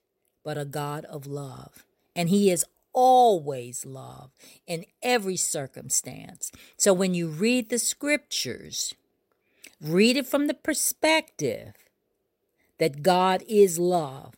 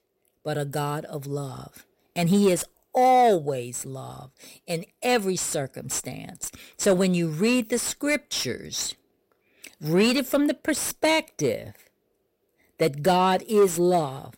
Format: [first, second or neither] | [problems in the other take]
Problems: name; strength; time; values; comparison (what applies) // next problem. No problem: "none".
first | distortion; slight; 10 dB below the speech